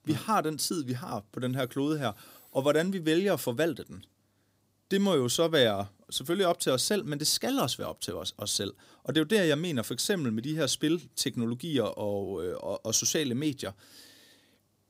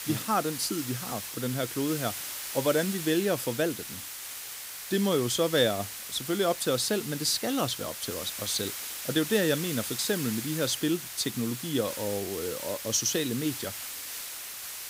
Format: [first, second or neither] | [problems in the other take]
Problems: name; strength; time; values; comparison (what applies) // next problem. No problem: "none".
first | hiss; loud; throughout; 6 dB below the speech